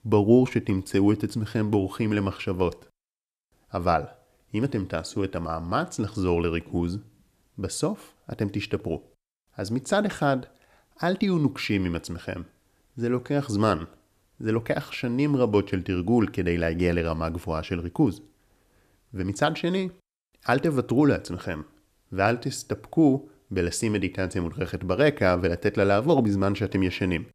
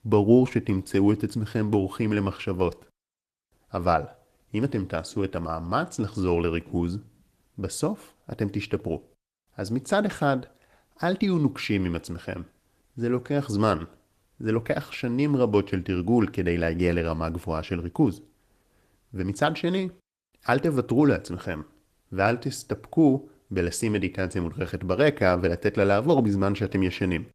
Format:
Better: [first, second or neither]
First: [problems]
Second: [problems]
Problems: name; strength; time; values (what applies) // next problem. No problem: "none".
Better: first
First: none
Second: garbled, watery; slightly; nothing above 14.5 kHz